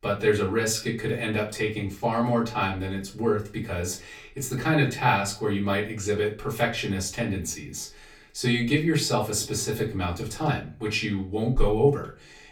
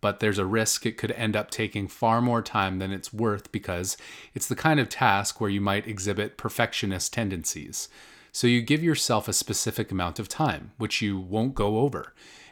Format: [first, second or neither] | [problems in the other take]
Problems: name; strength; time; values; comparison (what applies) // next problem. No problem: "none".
second | off-mic speech; far // room echo; very slight; dies away in 0.3 s